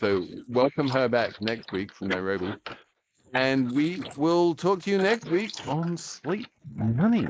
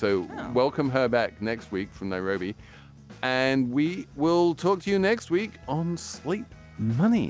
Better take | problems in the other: second | noise reduction (neural mask model Resemble Enhance denoiser)

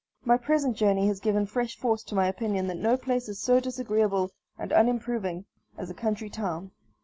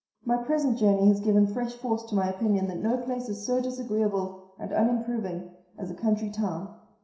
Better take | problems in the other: first | room echo; dies away in 0.7 s

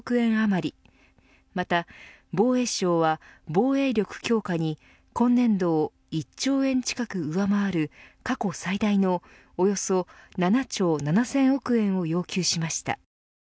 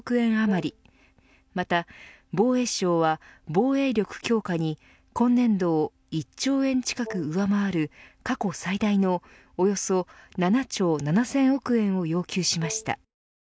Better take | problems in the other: first | background sound (Wind instrument, woodwind instrument); 16 dB below the speech

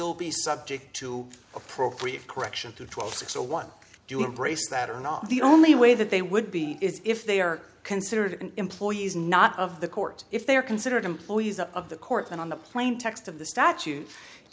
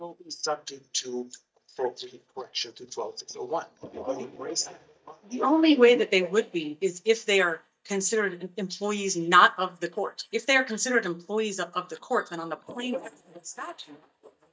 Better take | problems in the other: first | noise reduction (neural mask model DeepFilterNet 3)

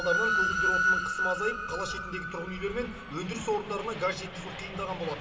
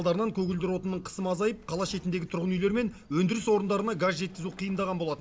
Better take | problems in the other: second | background sound (Train); 2 dB above the speech // room echo; dies away in 1.8 s

